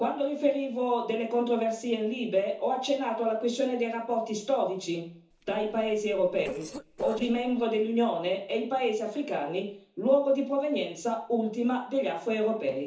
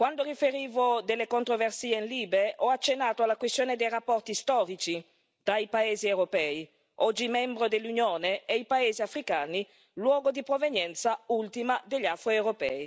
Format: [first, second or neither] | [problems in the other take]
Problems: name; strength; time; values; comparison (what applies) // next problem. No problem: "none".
second | noise reduction (neural separator model SepFormer DNS4)